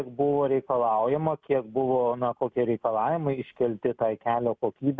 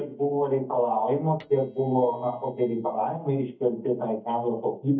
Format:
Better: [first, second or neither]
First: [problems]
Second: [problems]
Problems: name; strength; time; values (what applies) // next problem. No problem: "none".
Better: first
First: none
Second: noise reduction (neural mask model DeepFilterNet 3)